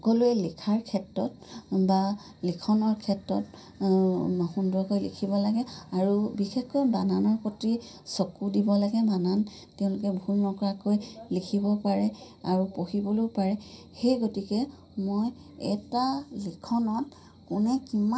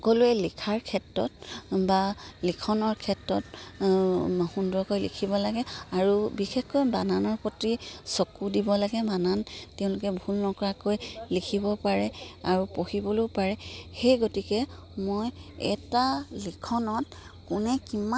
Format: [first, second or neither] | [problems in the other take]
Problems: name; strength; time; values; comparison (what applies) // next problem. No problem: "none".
second | room echo; dies away in 0.3 s